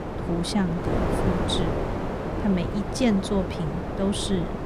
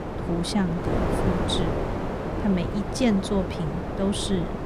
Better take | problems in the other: neither | wind noise on the microphone; heavy; as loud as the speech; the same in both

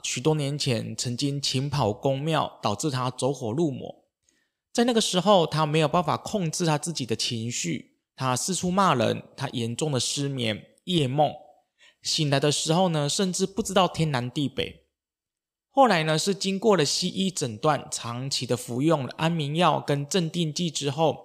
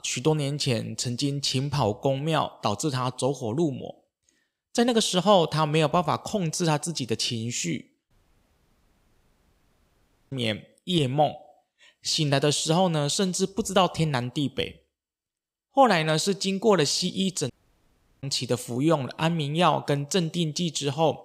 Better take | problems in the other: first | audio cutting out; at 8 s for 2 s and at 18 s for 0.5 s

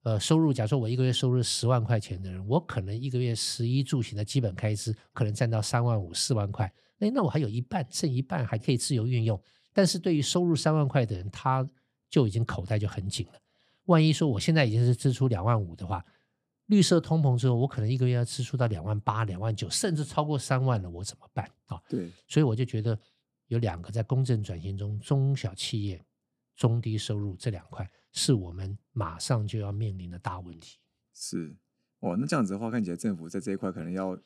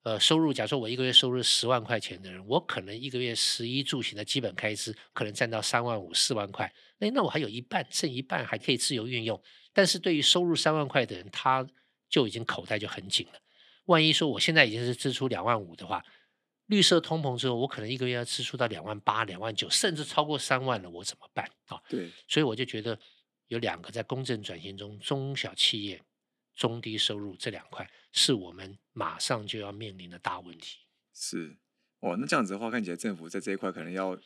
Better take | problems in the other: first | thin; somewhat; fading below 250 Hz

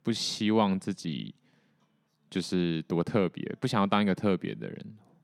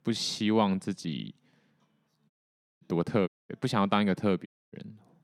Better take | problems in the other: first | audio cutting out; at 2.5 s for 0.5 s, at 3.5 s and at 4.5 s

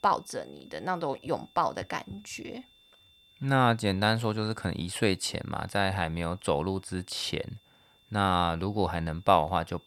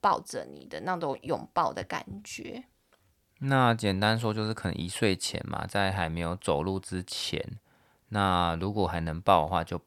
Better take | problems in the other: second | high-pitched whine; faint; throughout; 3.5 kHz, 30 dB below the speech

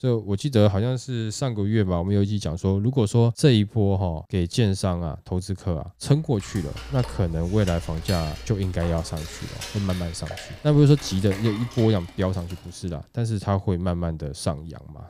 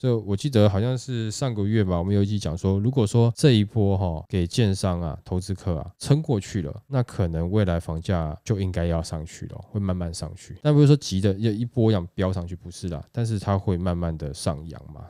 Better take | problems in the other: second | clattering dishes; noticeable; from 6 to 13 s; peak 9 dB below the speech

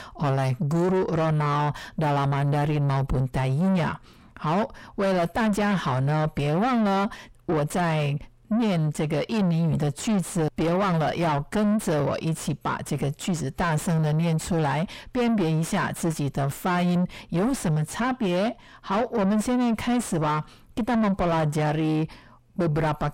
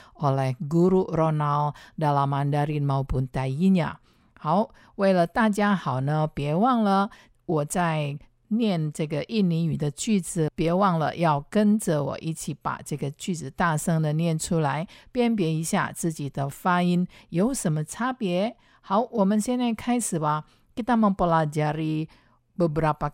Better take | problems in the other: second | distortion; heavy; 5 dB below the speech

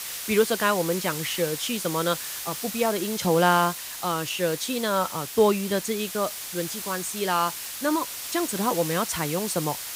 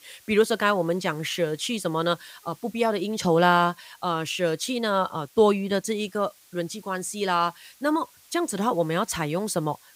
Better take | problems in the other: second | hiss; loud; throughout; 6 dB below the speech; faint in the second

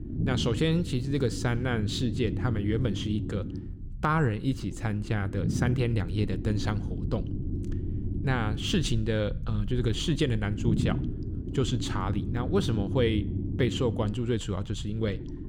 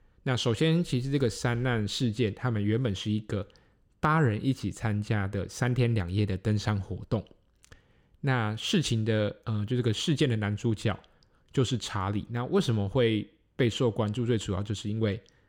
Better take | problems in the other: second | low rumble; loud; throughout; 9 dB below the speech

